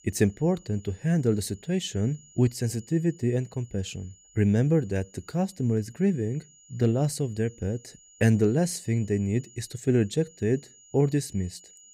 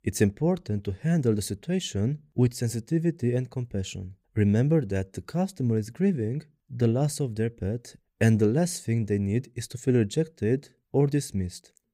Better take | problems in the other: second | high-pitched whine; faint; throughout; 7 kHz, 25 dB below the speech

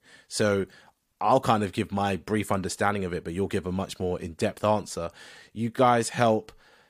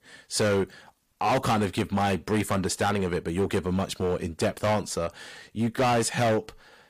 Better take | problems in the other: first | distortion; heavy; 12% of the sound clipped

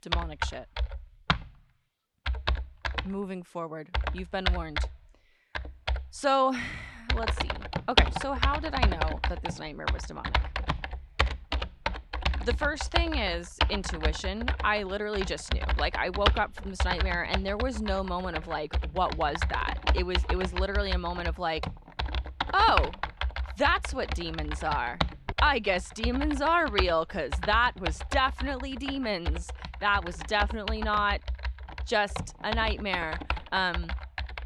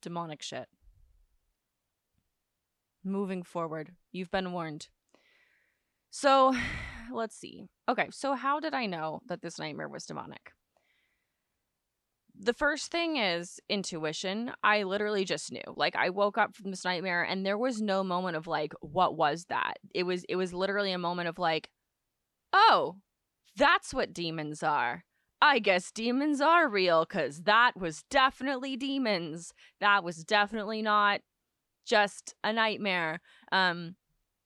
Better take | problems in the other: second | household noises; loud; throughout; 2 dB below the speech

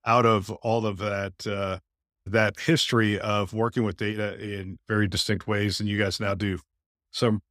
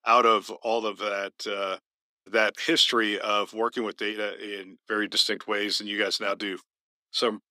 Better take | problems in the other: first | thin; somewhat; fading below 300 Hz

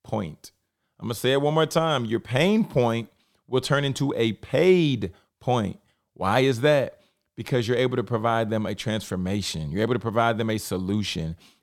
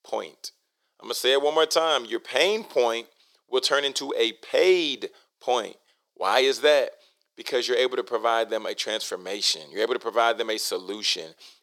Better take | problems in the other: first | thin; very; fading below 400 Hz

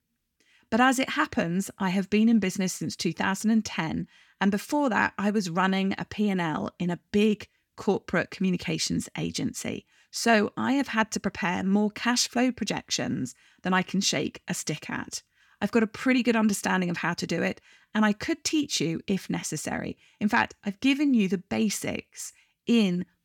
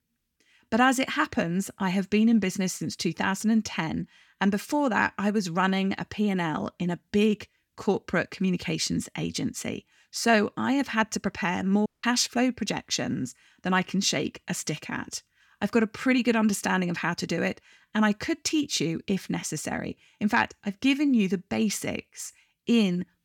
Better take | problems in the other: first | audio cutting out; at 12 s

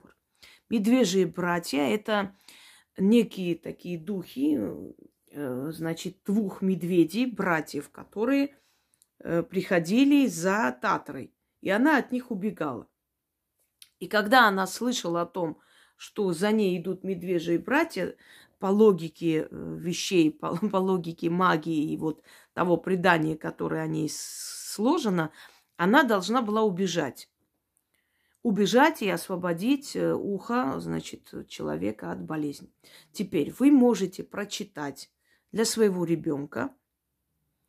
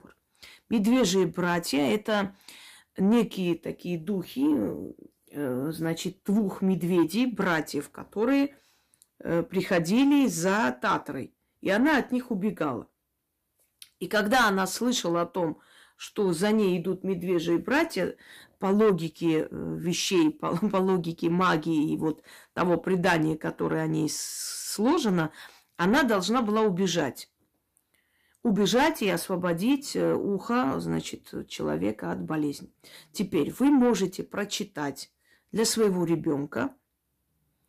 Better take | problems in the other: first | distortion; slight; 10 dB below the speech

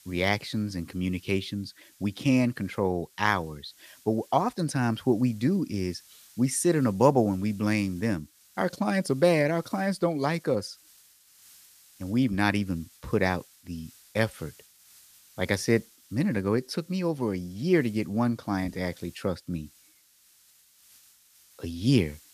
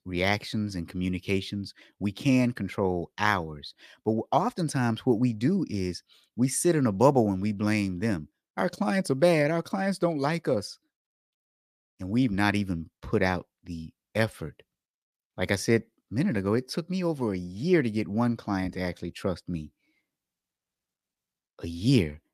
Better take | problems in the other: second | hiss; faint; throughout; 25 dB below the speech

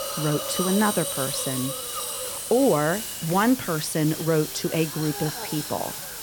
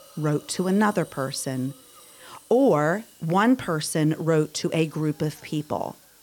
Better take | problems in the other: second | hiss; loud; throughout; 4 dB below the speech; faint in the second

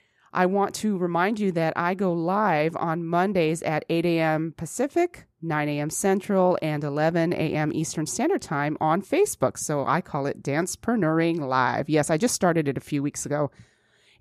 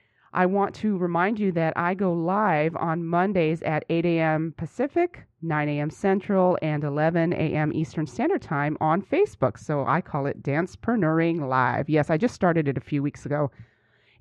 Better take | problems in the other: first | muffled; very; fading above 2.5 kHz

